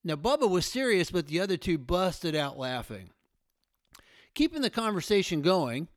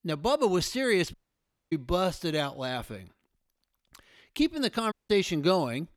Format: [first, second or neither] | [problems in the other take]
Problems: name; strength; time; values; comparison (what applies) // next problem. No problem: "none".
first | audio cutting out; at 1 s for 0.5 s and at 5 s